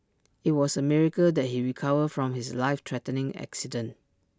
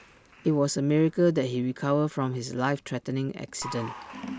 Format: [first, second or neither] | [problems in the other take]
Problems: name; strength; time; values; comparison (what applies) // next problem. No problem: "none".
first | background sound (Scissors + Applause / Crowd); 17 dB below the speech